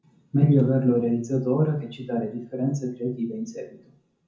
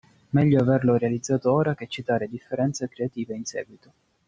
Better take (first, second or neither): second